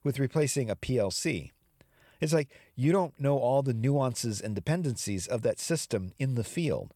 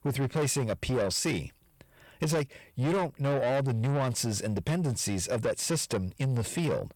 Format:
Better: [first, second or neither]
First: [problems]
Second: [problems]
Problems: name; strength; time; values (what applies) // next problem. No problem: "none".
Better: first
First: none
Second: distortion; heavy; 8 dB below the speech